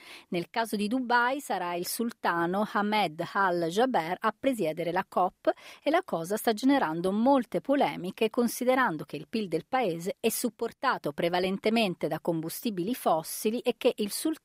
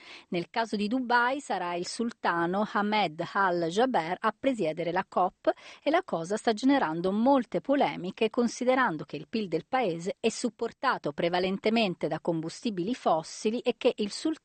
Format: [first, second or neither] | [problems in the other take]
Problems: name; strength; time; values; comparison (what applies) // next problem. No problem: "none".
first | garbled, watery; slightly; nothing above 8.5 kHz